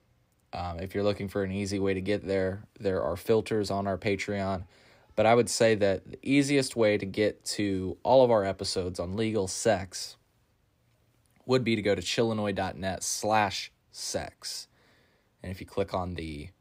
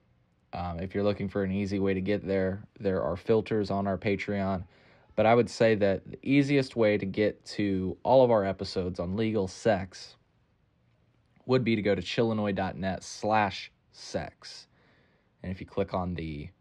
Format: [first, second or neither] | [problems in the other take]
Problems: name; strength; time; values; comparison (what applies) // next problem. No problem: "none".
first | muffled; very slightly; fading above 3.5 kHz